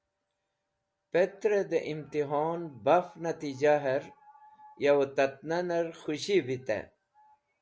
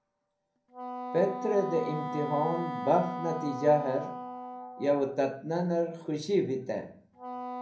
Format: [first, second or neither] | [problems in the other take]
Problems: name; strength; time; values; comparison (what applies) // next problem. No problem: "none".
first | background sound (Wind instrument, woodwind instrument); 8 dB below the speech // room echo; dies away in 0.6 s